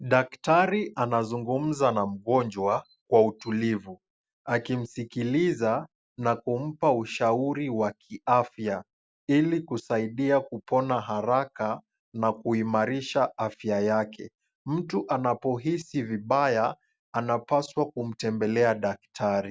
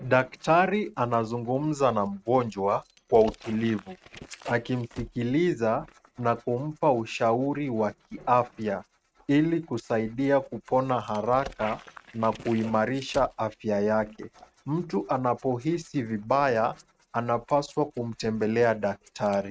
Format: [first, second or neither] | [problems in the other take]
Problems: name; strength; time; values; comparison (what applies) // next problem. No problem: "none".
first | noise reduction (neural mask model RNNoise)